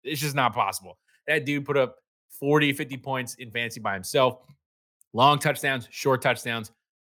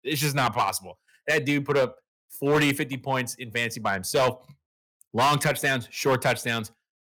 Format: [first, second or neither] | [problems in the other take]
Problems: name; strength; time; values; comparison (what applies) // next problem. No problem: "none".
first | distortion; heavy; 6% of the sound clipped